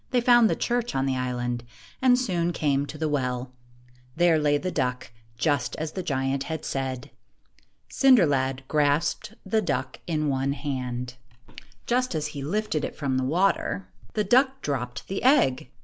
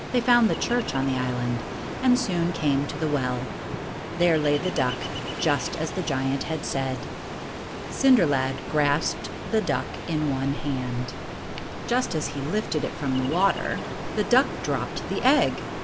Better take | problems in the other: first | background sound (Ocean); 7 dB below the speech

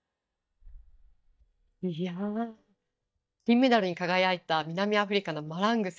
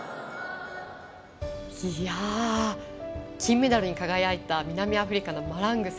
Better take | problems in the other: second | noise reduction (neural mask model DeepFilterNet 3)

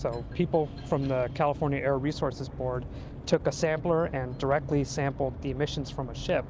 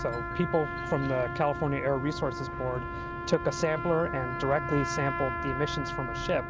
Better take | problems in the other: first | background sound (Trumpet); 6 dB below the speech

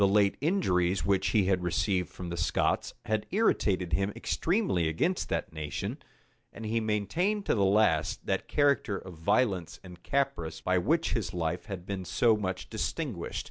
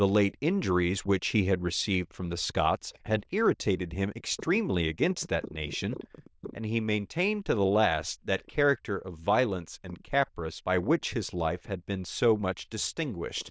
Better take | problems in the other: first | noise reduction (neural diffusion model UNIVERSE++)

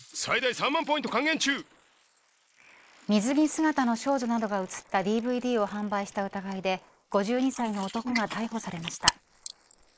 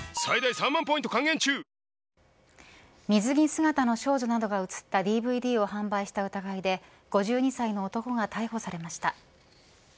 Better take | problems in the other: second | noise reduction (neural mask model Resemble Enhance denoiser)

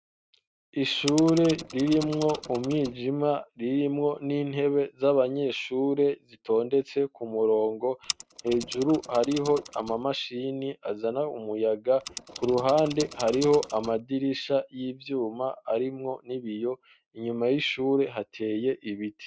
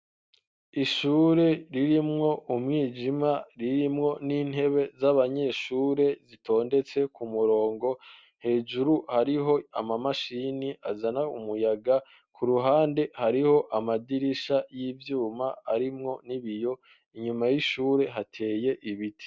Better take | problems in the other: second | noise reduction (neural mask model RNNoise)

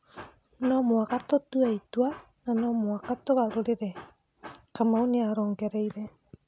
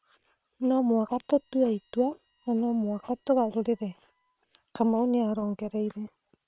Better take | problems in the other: first | noise reduction (neural separator model SepFormer WHAM!)

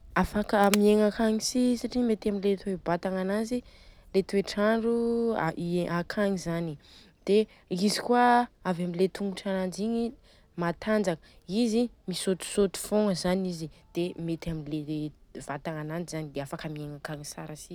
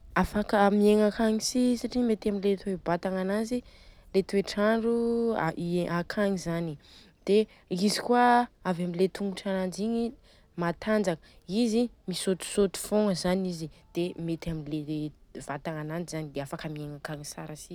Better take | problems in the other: second | background sound (Wood); 12 dB below the speech

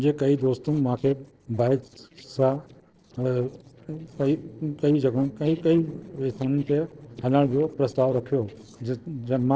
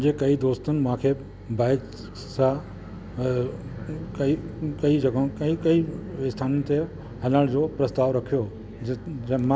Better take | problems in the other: second | noise reduction (neural separator model SepFormer DNS4)

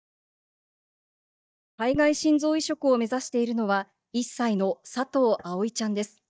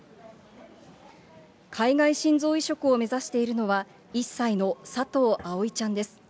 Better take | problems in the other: second | noise reduction (neural mask model DeepFilterNet 3)

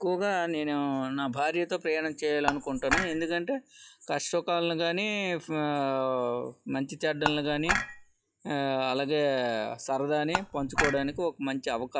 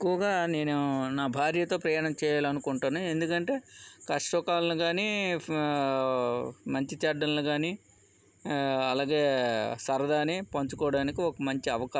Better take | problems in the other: second | noise reduction (classical method log-MMSE)

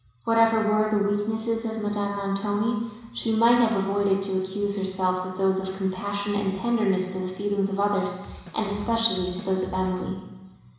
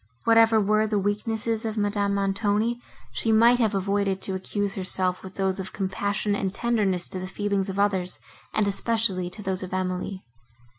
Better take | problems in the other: second | background sound (Drum kit); 17 dB below the speech // room echo; dies away in 1 s

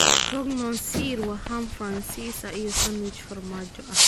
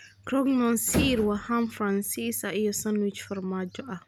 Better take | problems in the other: second | background sound (Fart); 4 dB above the speech

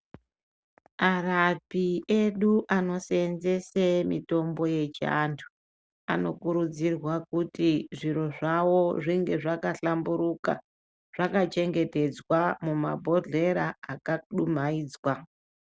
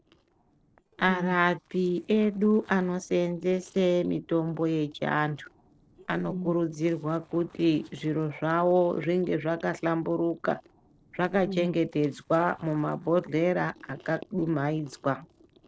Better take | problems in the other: first | noise reduction (neural separator model SepFormer DNS4)

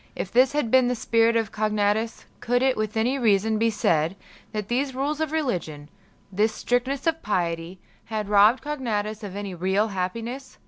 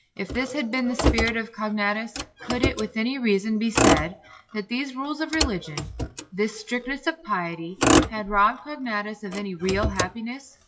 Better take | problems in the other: first | noise reduction (classical method WPE with log-MMSE)

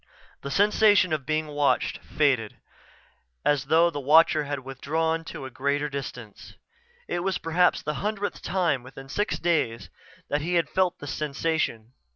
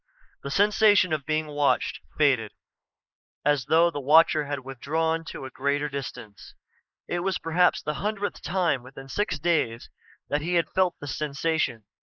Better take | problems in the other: first | noise reduction (neural mask model Resemble Enhance denoiser)

